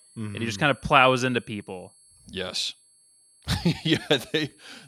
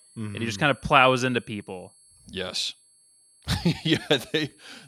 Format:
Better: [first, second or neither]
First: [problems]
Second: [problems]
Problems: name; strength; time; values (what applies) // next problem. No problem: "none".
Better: neither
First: high-pitched whine; faint; throughout; 10.5 kHz, 30 dB below the speech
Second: high-pitched whine; faint; throughout; 10.5 kHz, 30 dB below the speech